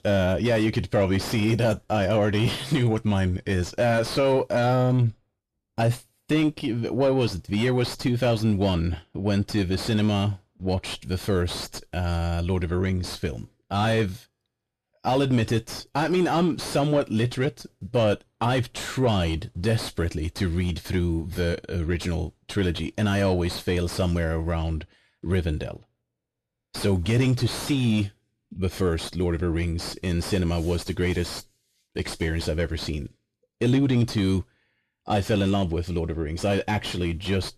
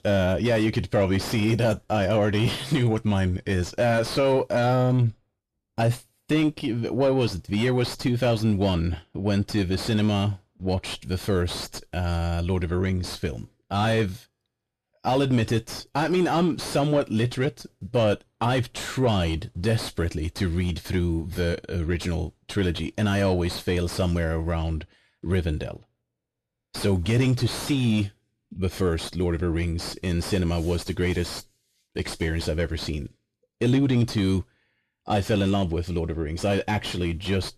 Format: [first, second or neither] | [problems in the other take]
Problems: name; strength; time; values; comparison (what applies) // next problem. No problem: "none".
neither | distortion; slight; 8 dB below the speech; the same in both